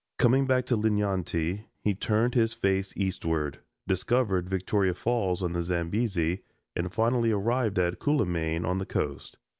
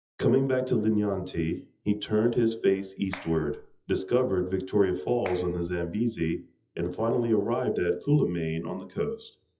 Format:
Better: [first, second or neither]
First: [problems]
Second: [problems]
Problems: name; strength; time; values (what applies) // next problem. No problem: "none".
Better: first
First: none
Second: noise reduction (classical method WPE with log-MMSE)